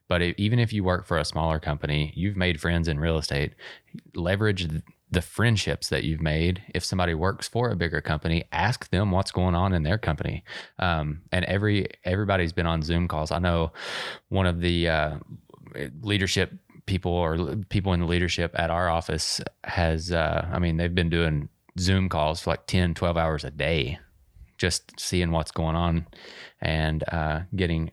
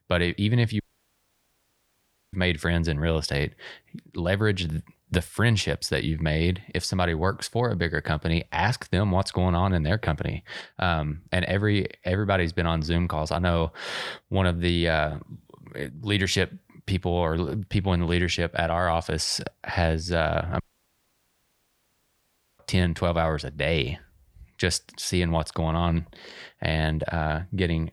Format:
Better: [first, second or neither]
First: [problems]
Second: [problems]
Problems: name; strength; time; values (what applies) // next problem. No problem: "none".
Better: first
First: none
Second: audio cutting out; at 1 s for 1.5 s and at 21 s for 2 s